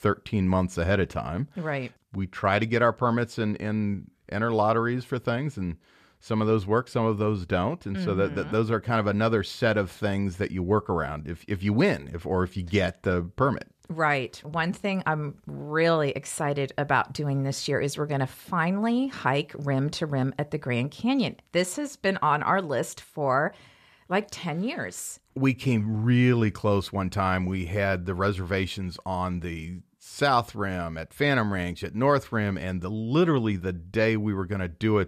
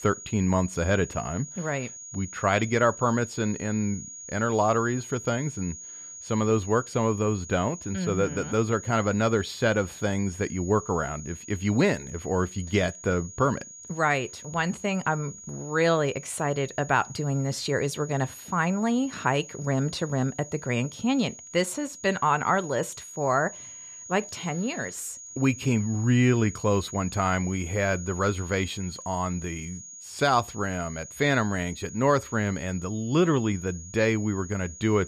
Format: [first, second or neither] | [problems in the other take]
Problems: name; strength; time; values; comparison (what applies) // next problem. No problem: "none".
first | high-pitched whine; noticeable; throughout; 6.5 kHz, 15 dB below the speech